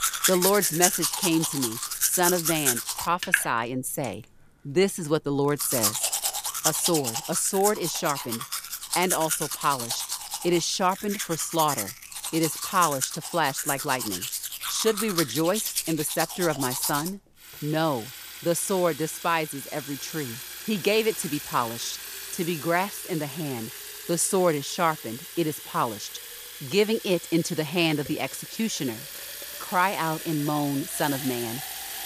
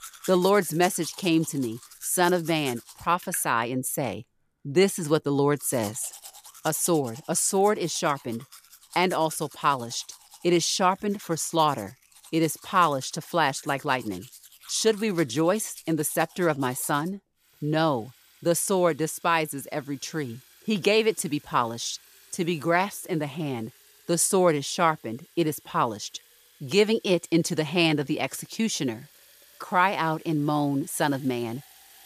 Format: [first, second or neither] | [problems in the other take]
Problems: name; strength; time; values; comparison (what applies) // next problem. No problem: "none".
second | household noises; loud; throughout; 3 dB below the speech; faint in the second